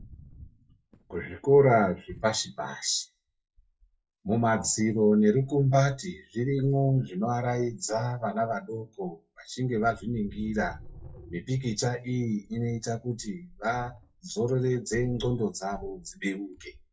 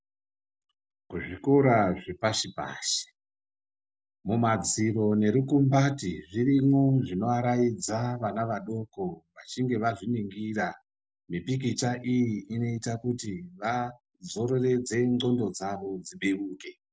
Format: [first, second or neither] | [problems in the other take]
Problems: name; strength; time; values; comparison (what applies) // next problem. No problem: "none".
second | noise reduction (classical method WPE with log-MMSE)